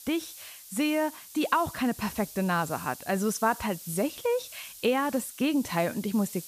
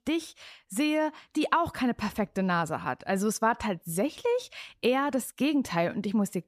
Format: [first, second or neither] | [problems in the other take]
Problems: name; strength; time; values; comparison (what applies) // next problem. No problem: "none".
second | hiss; noticeable; throughout; 15 dB below the speech